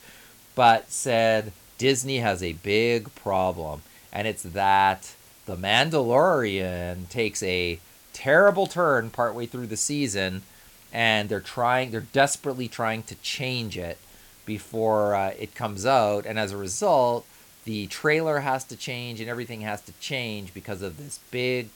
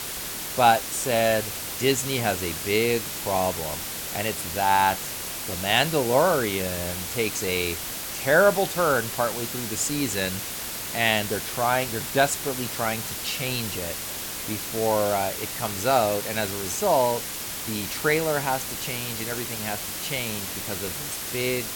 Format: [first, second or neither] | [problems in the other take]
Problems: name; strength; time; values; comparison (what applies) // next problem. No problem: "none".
first | hiss; loud; throughout; 5 dB below the speech; faint in the first